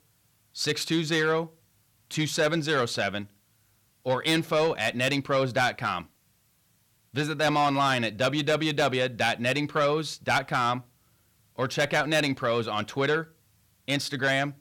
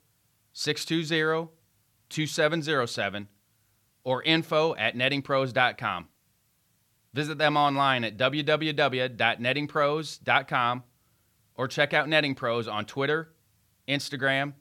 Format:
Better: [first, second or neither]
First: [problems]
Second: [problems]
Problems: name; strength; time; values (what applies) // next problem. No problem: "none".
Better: second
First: distortion; slight; 10 dB below the speech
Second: none